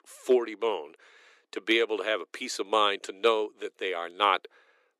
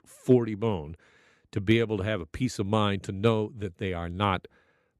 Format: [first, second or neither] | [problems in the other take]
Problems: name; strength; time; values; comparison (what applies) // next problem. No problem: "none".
second | thin; very; fading below 350 Hz